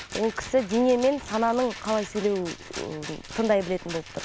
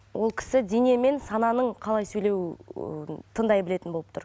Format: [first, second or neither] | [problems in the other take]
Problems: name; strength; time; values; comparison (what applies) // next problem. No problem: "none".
second | background sound (Rattle); 14 dB below the speech